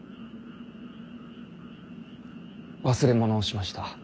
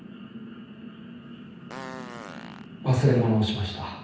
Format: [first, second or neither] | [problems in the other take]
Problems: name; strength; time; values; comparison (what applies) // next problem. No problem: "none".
first | background sound (Fart); 17 dB below the speech // room echo; dies away in 0.9 s